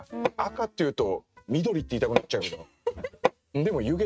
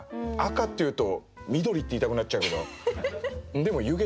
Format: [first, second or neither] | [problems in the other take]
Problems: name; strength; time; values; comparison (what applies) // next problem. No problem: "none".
second | noise reduction (neural mask model RNNoise)